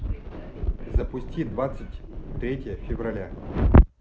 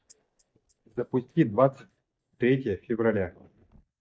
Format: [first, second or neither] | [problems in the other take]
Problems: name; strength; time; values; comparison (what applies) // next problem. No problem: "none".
first | noise reduction (neural mask model DeepFilterNet 3)